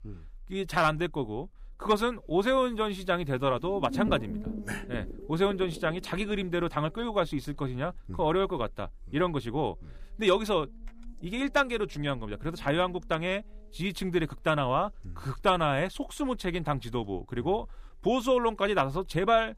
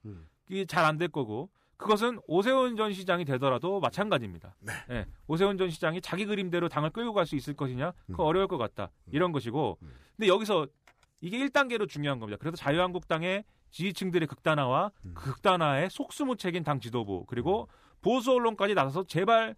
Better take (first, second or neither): second